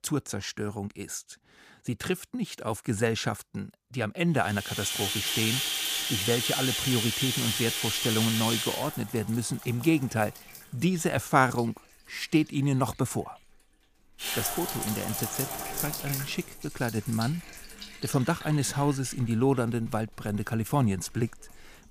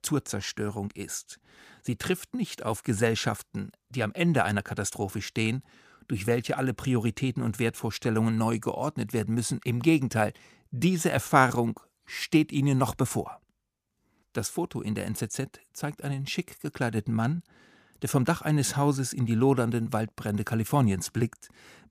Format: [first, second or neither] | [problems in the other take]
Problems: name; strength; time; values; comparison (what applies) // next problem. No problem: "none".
second | household noises; loud; from 5 s on; 1 dB below the speech